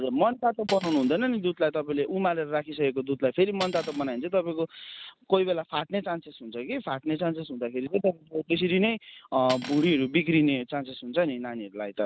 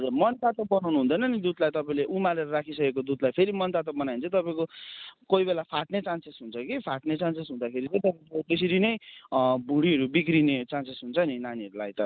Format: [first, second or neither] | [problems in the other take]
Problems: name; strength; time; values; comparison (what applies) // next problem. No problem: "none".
second | background sound (Cutlery, silverware); 17 dB below the speech